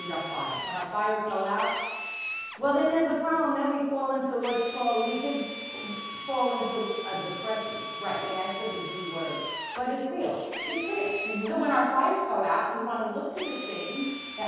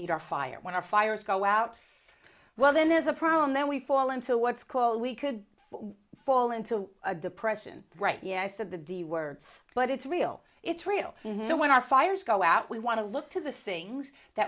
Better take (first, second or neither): second